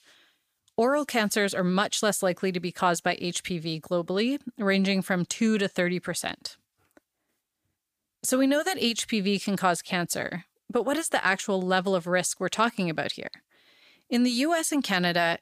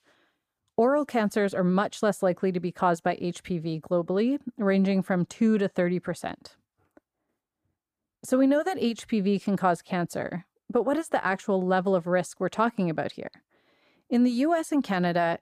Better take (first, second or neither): first